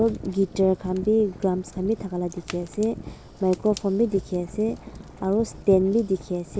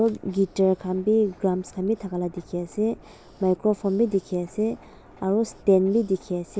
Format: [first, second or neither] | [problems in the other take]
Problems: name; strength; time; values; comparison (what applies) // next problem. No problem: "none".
second | background sound (Fire); 15 dB below the speech